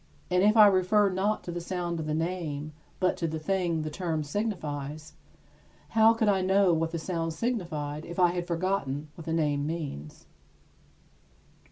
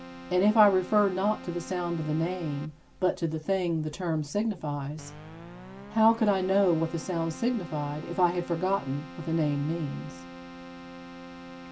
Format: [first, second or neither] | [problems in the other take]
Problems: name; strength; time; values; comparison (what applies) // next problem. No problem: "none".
first | background sound (Keyboard (musical)); 15 dB below the speech